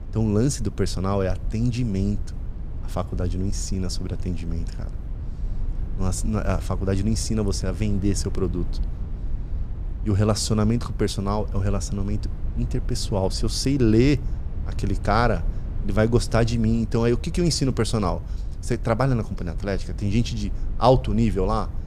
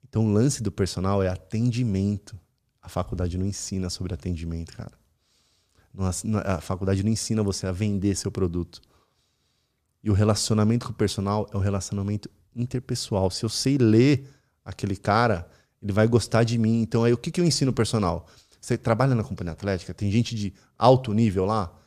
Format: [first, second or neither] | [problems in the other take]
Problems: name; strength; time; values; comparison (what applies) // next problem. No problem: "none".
second | low rumble; noticeable; throughout; 20 dB below the speech